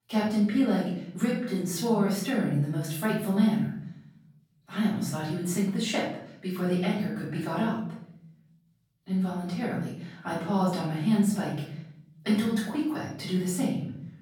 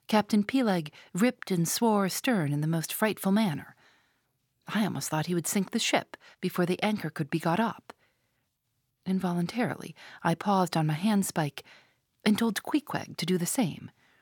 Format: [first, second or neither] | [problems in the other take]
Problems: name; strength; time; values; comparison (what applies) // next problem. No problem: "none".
second | off-mic speech; far // room echo; noticeable; dies away in 1 s